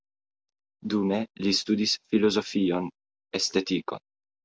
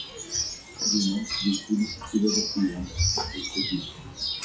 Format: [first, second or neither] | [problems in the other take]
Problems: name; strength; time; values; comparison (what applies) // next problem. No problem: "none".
first | noise reduction (classical method WPE with log-MMSE)